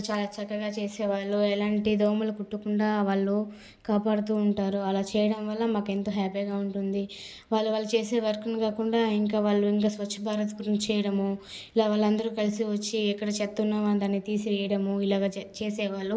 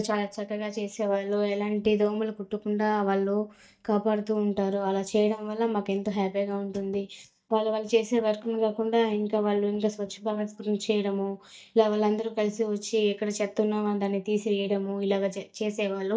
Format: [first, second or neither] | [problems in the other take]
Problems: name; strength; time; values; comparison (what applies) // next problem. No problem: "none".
first | noise reduction (neural mask model DeepFilterNet 3)